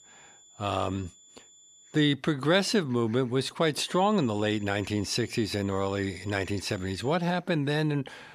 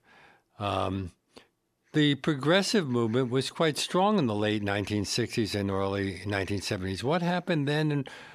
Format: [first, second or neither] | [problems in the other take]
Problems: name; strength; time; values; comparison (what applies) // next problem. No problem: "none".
second | high-pitched whine; faint; until 2 s and from 4 to 7 s; 7 kHz, 25 dB below the speech